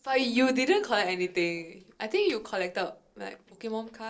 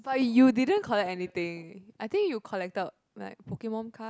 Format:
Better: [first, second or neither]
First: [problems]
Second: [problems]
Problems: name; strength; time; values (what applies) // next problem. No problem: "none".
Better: second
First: noise reduction (neural separator model SepFormer DNS4)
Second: none